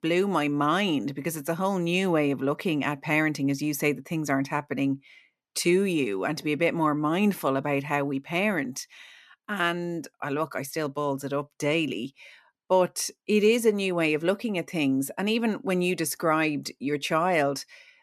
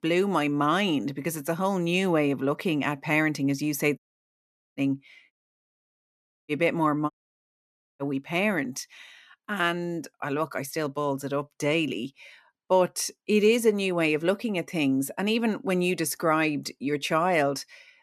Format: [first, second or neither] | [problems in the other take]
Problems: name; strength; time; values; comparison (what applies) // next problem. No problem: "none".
first | audio cutting out; at 4 s for 1 s, at 5.5 s for 1 s and at 7 s for 1 s